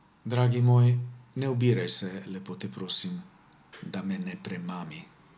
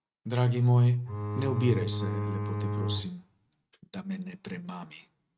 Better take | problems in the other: first | noise reduction (neural mask model RNNoise)

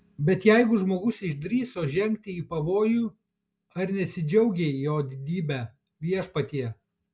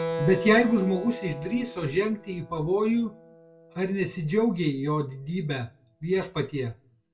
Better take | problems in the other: first | background sound (Keyboard (musical)); 12 dB below the speech // room echo; dies away in 0.2 s

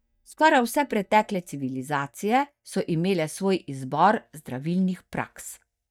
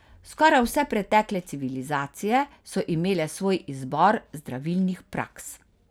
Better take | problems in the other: second | noise reduction (neural mask model DeepFilterNet 3)

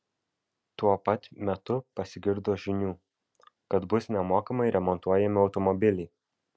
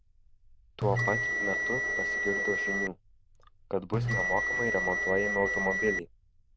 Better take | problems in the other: first | noise reduction (neural diffusion model UNIVERSE++)

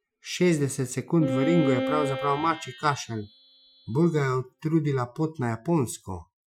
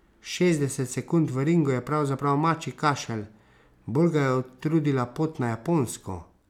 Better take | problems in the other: second | noise reduction (classical method Wiener filter)

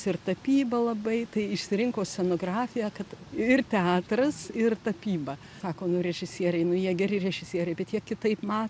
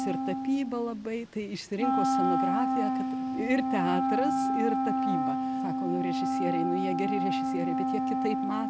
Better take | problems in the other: first | background sound (Wind instrument, woodwind instrument); 4 dB above the speech

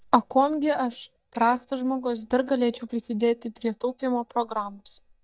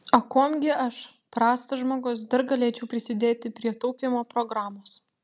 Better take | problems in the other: second | noise reduction (neural mask model DeepFilterNet 3)

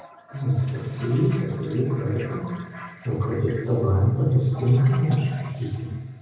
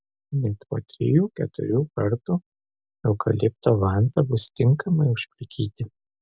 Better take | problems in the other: second | background sound (Toilet flush); 19 dB below the speech // room echo; dies away in 1.3 s

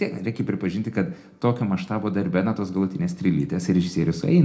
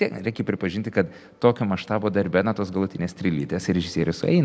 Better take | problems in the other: second | room echo; dies away in 0.3 s

